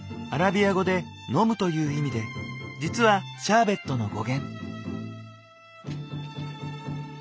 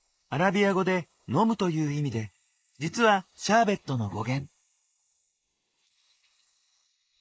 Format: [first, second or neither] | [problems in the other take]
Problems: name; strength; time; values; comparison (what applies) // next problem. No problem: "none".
first | noise reduction (neural mask model Resemble Enhance denoiser)